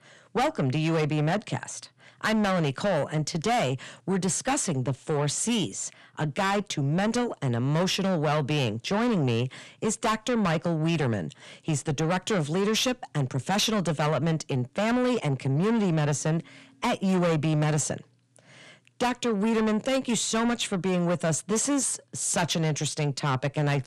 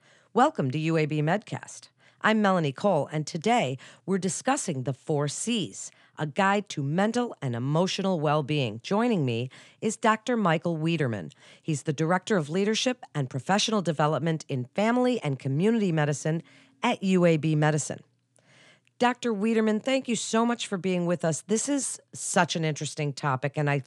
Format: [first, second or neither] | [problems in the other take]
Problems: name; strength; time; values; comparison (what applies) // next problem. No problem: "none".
second | distortion; heavy; 7 dB below the speech